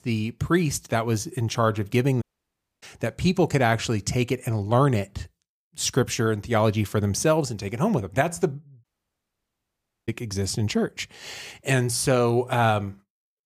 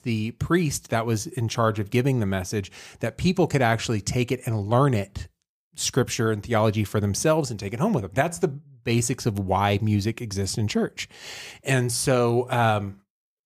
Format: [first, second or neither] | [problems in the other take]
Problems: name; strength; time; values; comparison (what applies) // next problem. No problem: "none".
second | audio cutting out; at 2 s for 0.5 s and at 9 s for 1 s